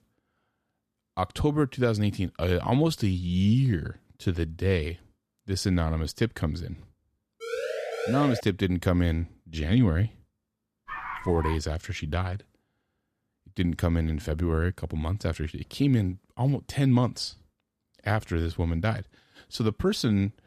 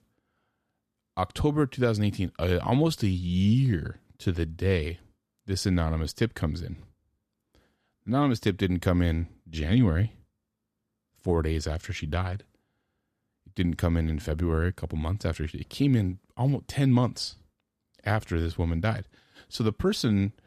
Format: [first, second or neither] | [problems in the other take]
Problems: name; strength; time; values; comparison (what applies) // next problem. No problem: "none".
second | siren; noticeable; from 7.5 to 8.5 s; peak 4 dB below the speech // dog barking; noticeable; at 11 s; peak 8 dB below the speech